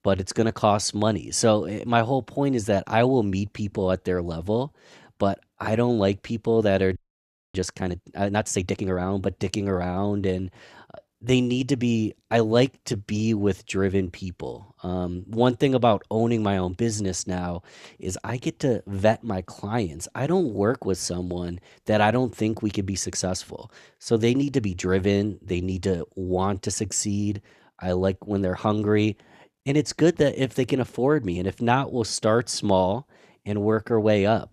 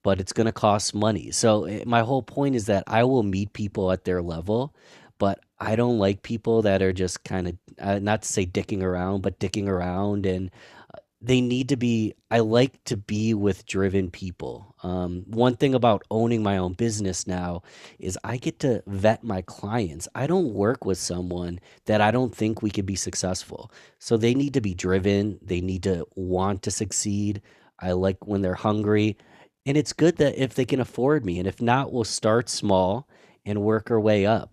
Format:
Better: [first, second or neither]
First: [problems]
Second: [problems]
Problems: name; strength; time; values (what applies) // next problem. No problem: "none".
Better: second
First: audio freezing; at 7 s for 0.5 s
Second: none